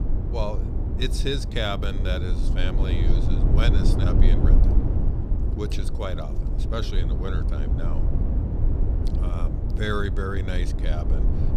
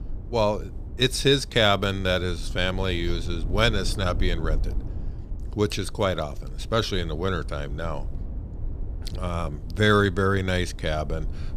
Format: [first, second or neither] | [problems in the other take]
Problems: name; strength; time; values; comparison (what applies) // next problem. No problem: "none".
second | low rumble; loud; throughout; 5 dB below the speech; faint in the second